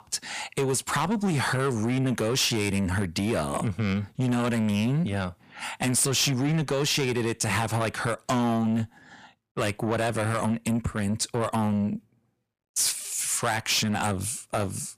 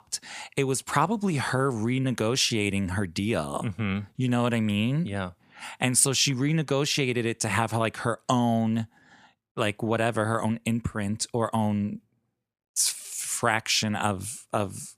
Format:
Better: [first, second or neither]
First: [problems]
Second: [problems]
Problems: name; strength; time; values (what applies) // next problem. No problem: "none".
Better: second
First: distortion; heavy; 8 dB below the speech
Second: none